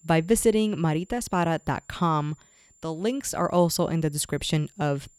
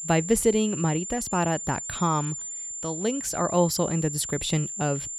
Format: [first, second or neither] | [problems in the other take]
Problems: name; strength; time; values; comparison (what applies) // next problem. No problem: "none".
first | high-pitched whine; loud; throughout; 7.5 kHz, 6 dB below the speech; faint in the first